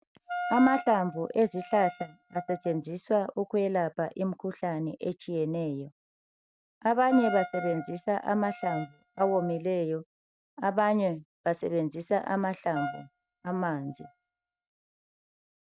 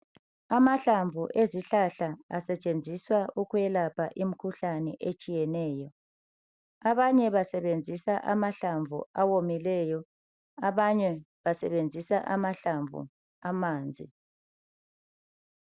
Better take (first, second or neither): second